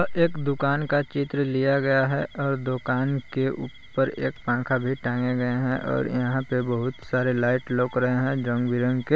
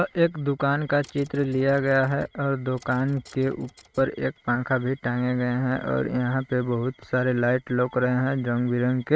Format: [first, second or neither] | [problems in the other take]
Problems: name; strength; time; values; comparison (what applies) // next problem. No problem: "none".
first | noise reduction (neural mask model RNNoise)